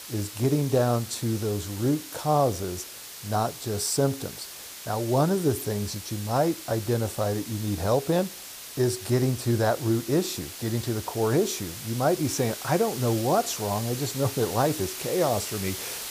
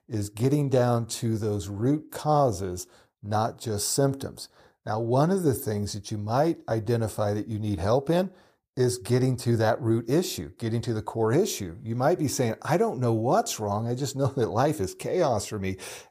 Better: second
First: hiss; loud; throughout; 10 dB below the speech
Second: none

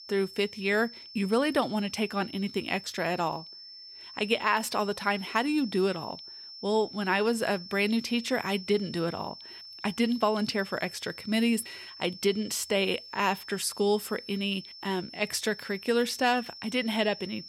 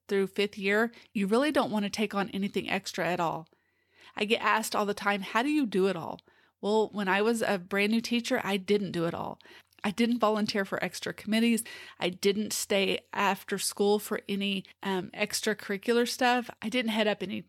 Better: second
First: high-pitched whine; noticeable; throughout; 5.5 kHz, 15 dB below the speech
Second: none

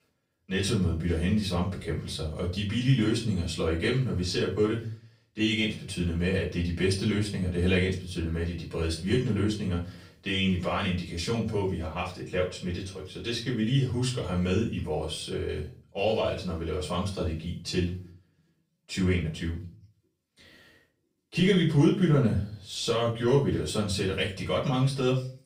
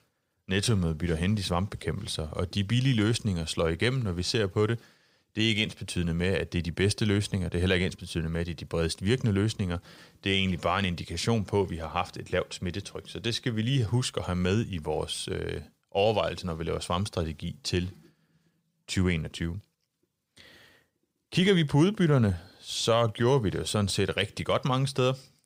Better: second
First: off-mic speech; far // room echo; slight; dies away in 0.3 s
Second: none

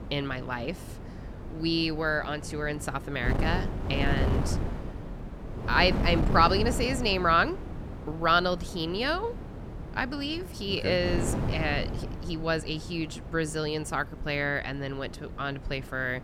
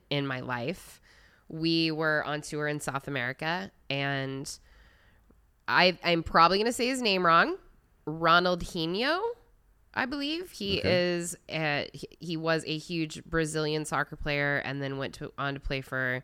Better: second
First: wind noise on the microphone; occasional gusts; 15 dB below the speech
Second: none

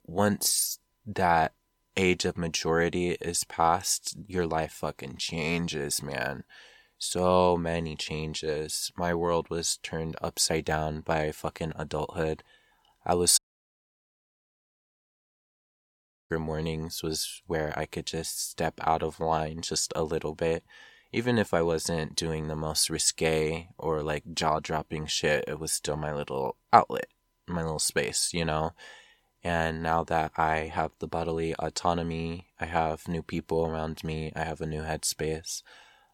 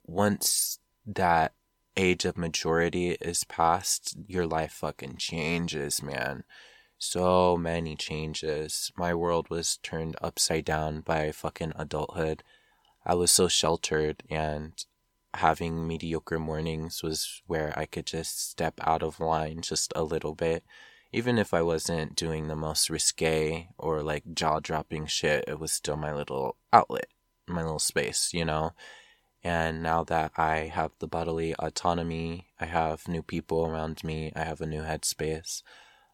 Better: second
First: audio cutting out; at 13 s for 3 s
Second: none

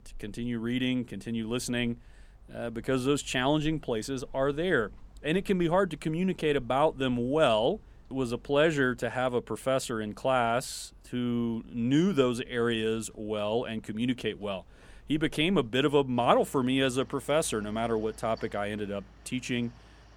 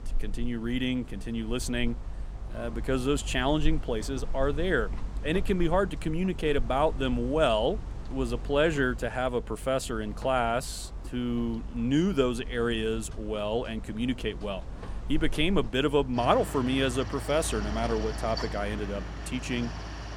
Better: first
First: machinery noise; faint; throughout; 25 dB below the speech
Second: machinery noise; loud; throughout; 10 dB below the speech

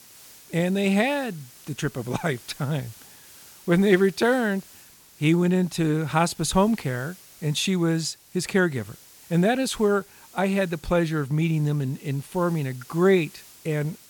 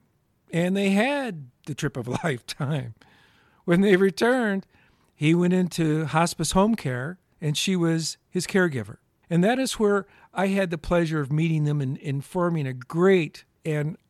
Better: second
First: hiss; faint; throughout; 25 dB below the speech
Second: none

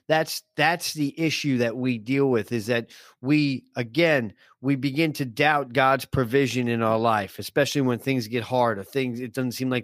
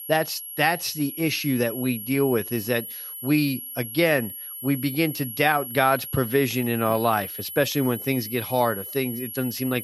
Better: first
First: none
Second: high-pitched whine; loud; throughout; 11.5 kHz, 9 dB below the speech

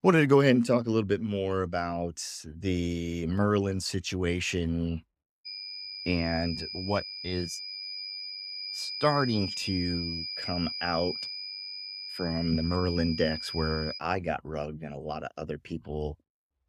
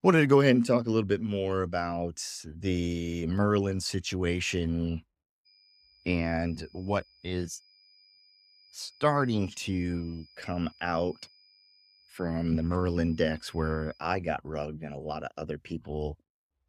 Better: second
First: high-pitched whine; loud; from 5.5 to 14 s; 5 kHz, 6 dB below the speech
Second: high-pitched whine; faint; from 5.5 to 14 s; 5 kHz, 30 dB below the speech

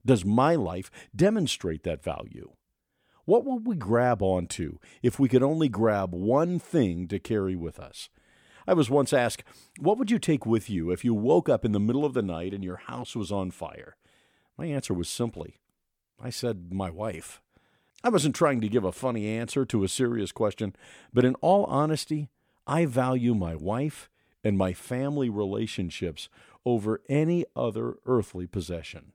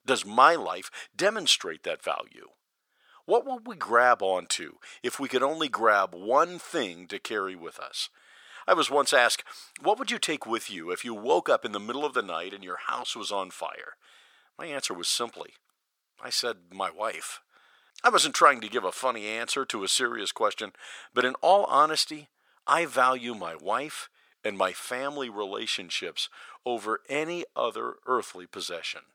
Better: first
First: none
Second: thin; very; fading below 650 Hz

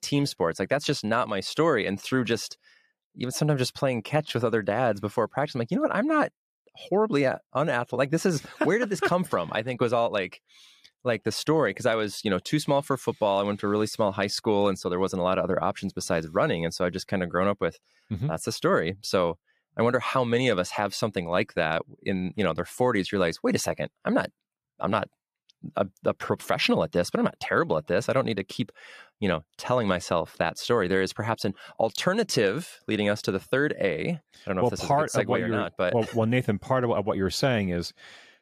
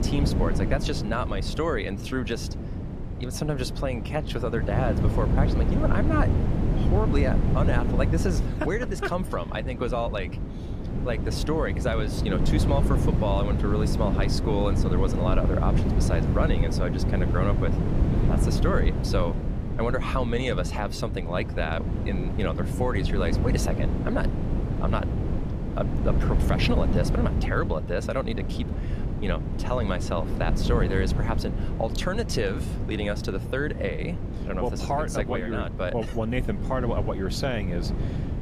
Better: first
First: none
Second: wind noise on the microphone; heavy; 6 dB below the speech

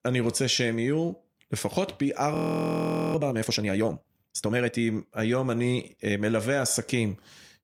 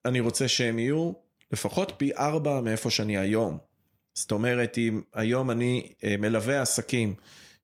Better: second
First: audio freezing; at 2.5 s for 1 s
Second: none

